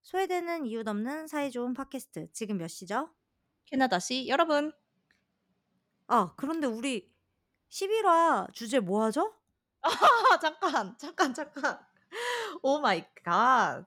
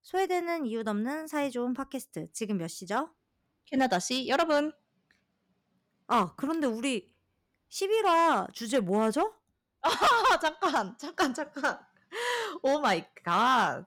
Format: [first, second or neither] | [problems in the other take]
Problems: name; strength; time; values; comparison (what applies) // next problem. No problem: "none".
first | distortion; slight; 4% of the sound clipped